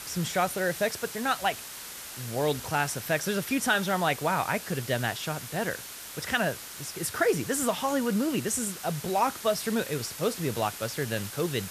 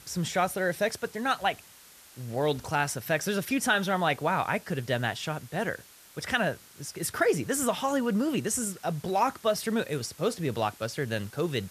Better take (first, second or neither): second